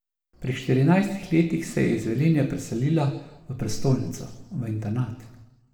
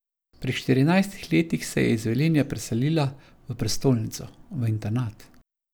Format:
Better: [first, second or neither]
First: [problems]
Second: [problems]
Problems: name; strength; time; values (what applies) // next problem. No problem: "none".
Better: second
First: room echo; dies away in 0.8 s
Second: none